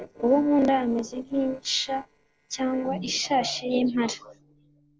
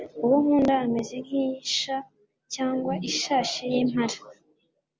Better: second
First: noise reduction (neural separator model SepFormer DNS4)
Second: none

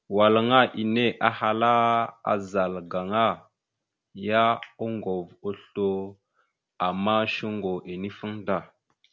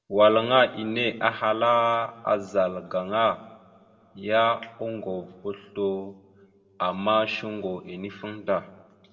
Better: first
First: none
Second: room echo; dies away in 0.8 s

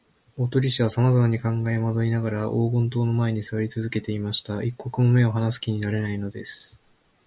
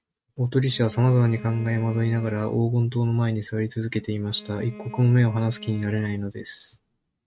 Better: first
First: none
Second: noise reduction (neural mask model RNNoise)

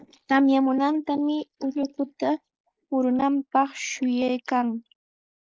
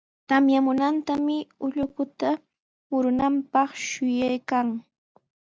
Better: second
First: noise reduction (neural mask model Resemble Enhance denoiser)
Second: none

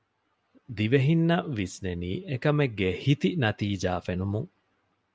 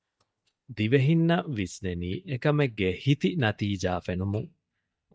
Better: first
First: none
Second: noise reduction (neural mask model DeepFilterNet 3)

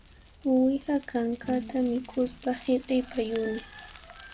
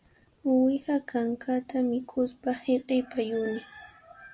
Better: second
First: background sound (Bicycle + Bowed string instrument); 18 dB below the speech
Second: none

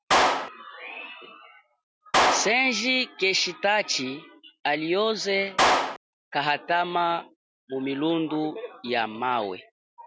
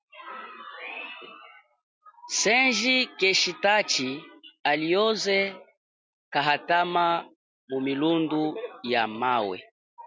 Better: second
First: background sound (Clapping); as loud as the speech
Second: none

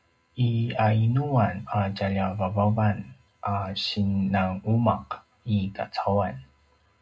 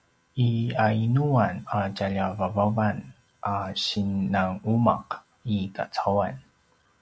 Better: second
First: room echo; dies away in 0.2 s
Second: none

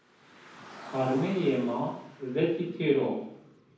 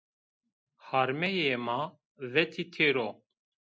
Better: second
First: background sound (Car); 19 dB below the speech // room echo; dies away in 0.9 s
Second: none

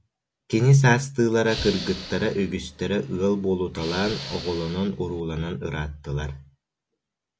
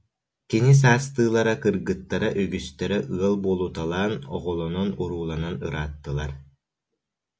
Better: second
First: background sound (Hiss / Breathing); 13 dB below the speech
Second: none

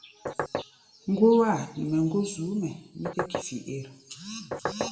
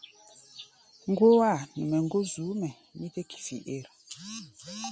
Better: second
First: background sound (Knock); 3 dB below the speech // room echo; dies away in 0.7 s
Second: none

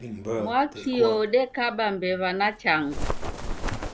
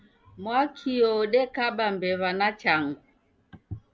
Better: second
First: background sound (Bird); 6 dB below the speech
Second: none

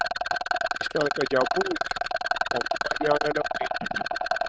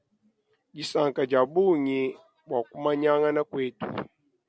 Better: second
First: noise reduction (neural diffusion model UNIVERSE++)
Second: none

